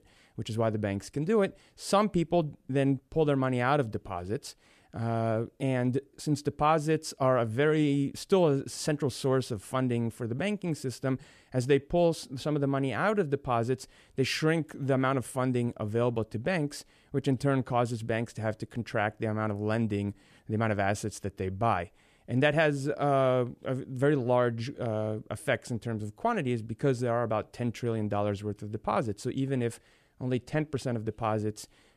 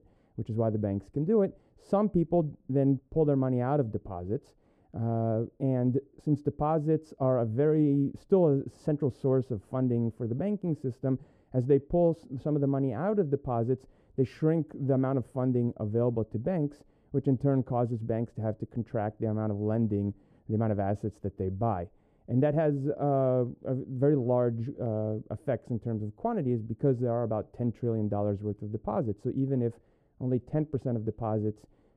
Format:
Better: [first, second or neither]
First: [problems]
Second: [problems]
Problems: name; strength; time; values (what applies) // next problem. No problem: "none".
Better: first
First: none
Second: muffled; very; fading above 1.5 kHz